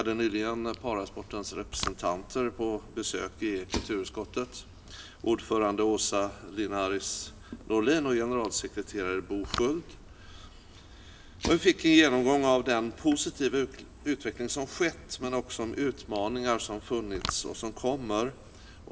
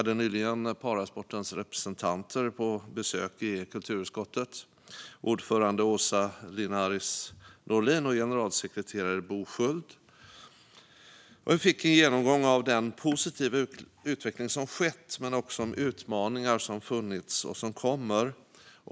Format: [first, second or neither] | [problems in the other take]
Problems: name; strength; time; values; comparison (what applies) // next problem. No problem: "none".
second | background sound (Fire); 14 dB below the speech // room echo; dies away in 0.6 s